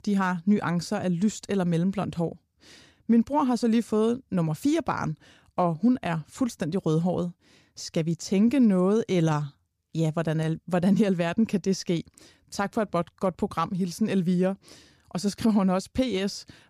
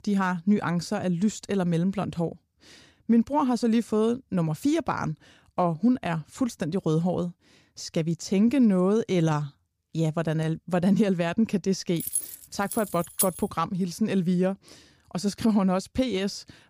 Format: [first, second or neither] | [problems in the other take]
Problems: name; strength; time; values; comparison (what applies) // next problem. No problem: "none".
first | jangling keys; noticeable; from 12 to 13 s; peak 1 dB below the speech